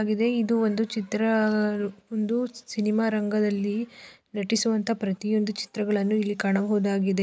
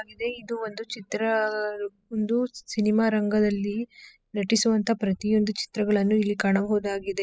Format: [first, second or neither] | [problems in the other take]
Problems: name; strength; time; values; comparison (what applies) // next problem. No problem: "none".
first | noise reduction (classical method spectral subtraction)